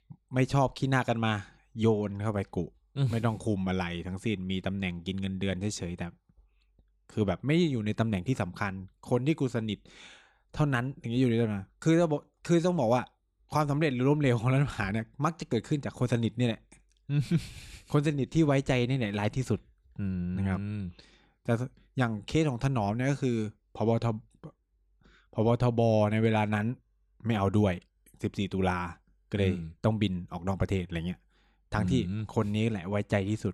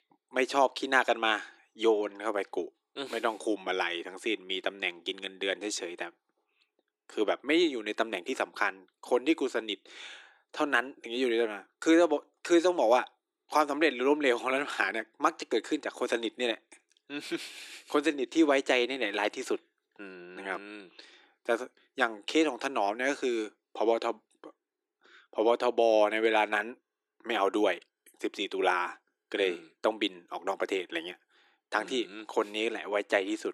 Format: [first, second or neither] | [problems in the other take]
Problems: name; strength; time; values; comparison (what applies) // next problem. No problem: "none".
first | thin; very; fading below 300 Hz